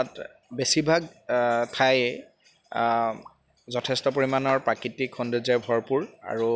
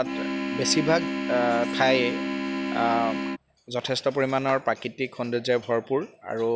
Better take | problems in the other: first | background sound (Organ); 2 dB below the speech

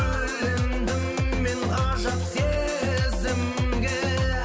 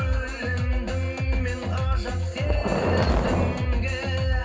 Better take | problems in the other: first | background sound (Boom); 3 dB below the speech // room echo; dies away in 0.4 s

